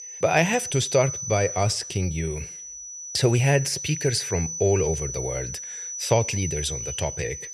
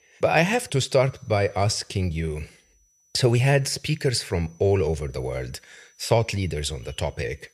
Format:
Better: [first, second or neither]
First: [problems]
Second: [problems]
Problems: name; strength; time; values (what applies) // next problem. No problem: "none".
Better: second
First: high-pitched whine; loud; throughout; 6 kHz, 7 dB below the speech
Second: high-pitched whine; faint; throughout; 6 kHz, 35 dB below the speech